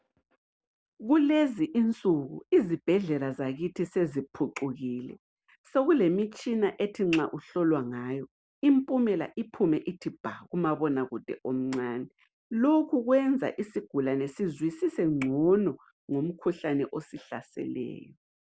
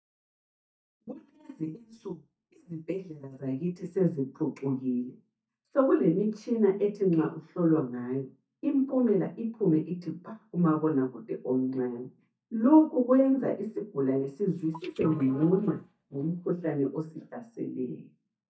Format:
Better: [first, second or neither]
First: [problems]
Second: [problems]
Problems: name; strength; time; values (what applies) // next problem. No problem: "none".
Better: first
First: none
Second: noise reduction (neural mask model DeepFilterNet 3)